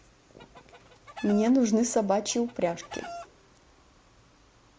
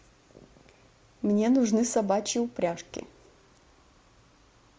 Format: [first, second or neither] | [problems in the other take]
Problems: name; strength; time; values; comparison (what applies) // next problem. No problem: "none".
second | background sound (Chicken, rooster); 16 dB below the speech